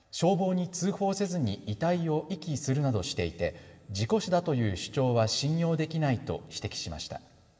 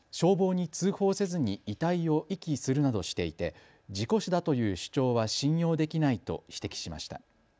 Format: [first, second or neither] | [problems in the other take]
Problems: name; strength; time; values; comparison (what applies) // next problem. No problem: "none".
second | room echo; dies away in 1.6 s